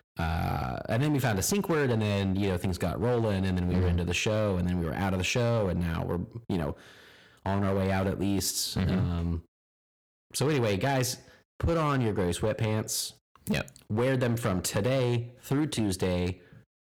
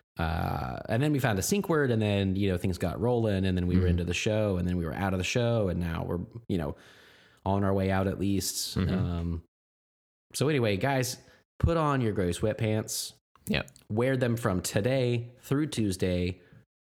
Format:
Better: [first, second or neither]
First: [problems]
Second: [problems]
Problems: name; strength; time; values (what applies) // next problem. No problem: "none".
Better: second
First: distortion; slight; 9% of the sound clipped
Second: none